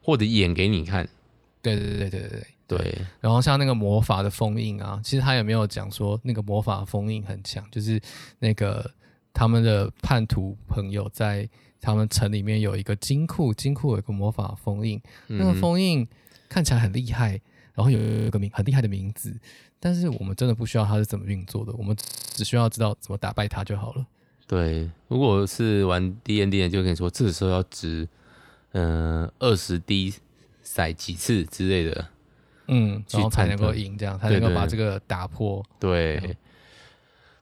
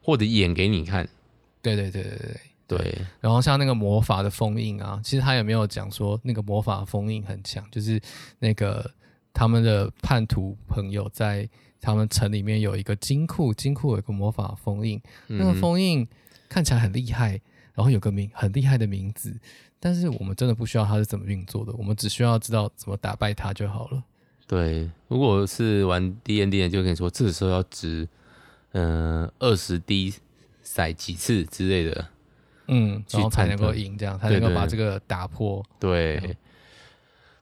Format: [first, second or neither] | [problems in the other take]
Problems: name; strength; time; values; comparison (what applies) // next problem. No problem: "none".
second | audio freezing; at 2 s, at 18 s and at 22 s